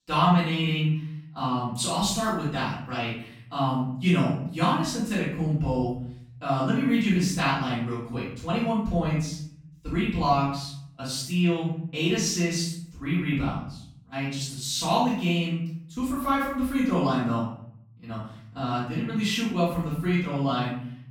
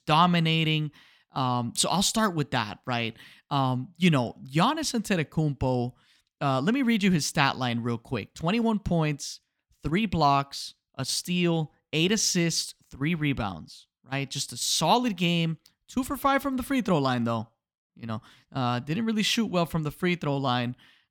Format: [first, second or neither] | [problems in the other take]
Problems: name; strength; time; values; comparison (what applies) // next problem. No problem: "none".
second | room echo; noticeable; dies away in 0.6 s // off-mic speech; far